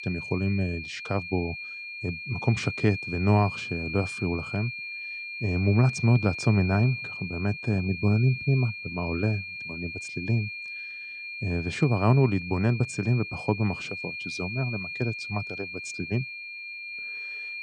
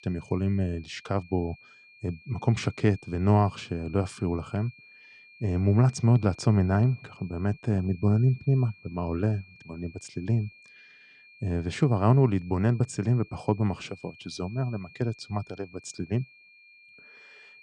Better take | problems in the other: second | high-pitched whine; loud; throughout; 2.5 kHz, 7 dB below the speech; faint in the second

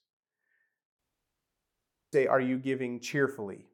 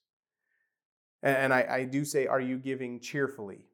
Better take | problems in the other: second | audio cutting out; at 1 s for 1 s

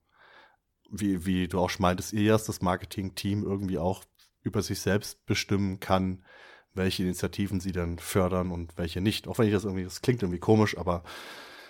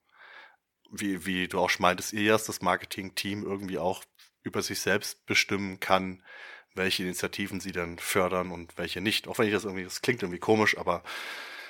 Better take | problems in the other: first | thin; somewhat; fading below 450 Hz

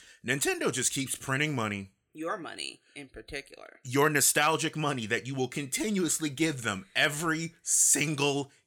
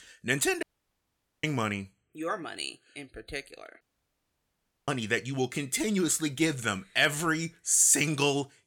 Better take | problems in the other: first | audio cutting out; at 0.5 s for 1 s and at 4 s for 1 s

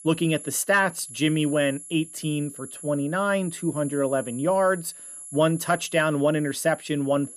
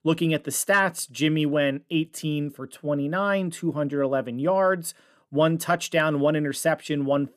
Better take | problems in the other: second | high-pitched whine; noticeable; throughout; 11 kHz, 15 dB below the speech

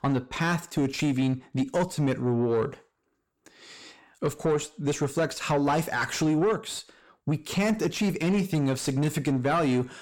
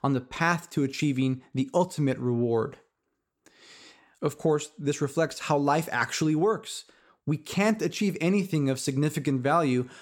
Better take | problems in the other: second | distortion; slight; 10 dB below the speech

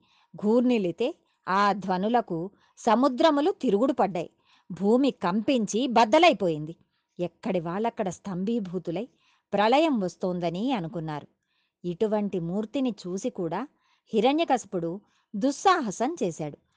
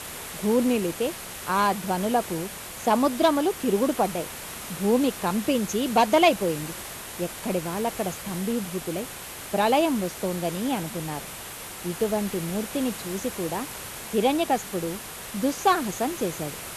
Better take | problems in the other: first | hiss; loud; throughout; 9 dB below the speech

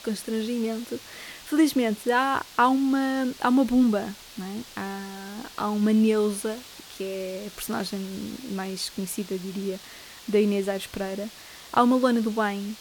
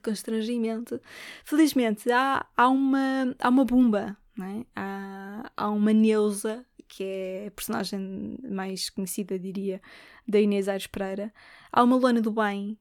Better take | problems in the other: second | hiss; noticeable; throughout; 15 dB below the speech

